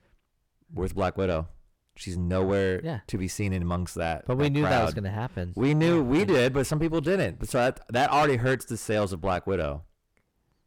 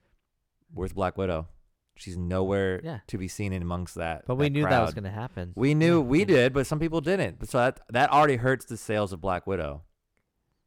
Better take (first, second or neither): second